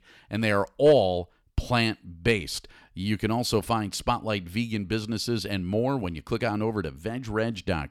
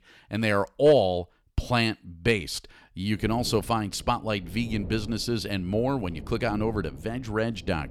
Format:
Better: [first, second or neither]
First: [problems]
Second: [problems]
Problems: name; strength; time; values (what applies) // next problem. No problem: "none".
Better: first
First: none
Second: wind noise on the microphone; occasional gusts; from 3 s on; 20 dB below the speech